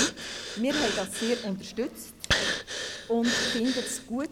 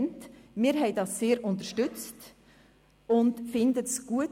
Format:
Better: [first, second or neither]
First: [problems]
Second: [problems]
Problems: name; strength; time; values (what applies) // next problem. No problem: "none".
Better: second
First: background sound (Breathing); 1 dB below the speech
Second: none